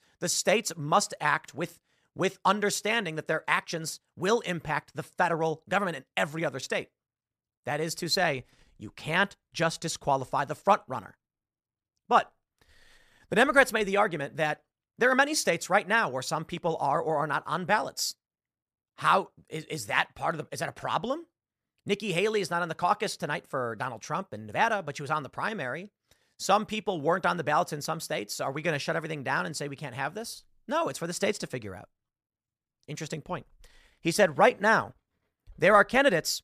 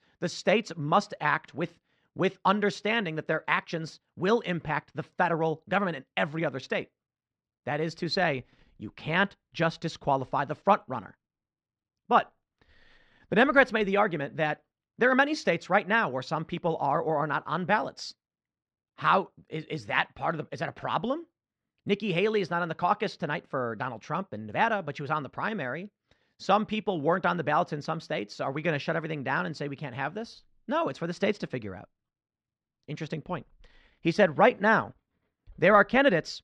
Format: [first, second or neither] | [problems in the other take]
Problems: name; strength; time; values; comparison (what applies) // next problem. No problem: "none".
first | muffled; slightly; fading above 4 kHz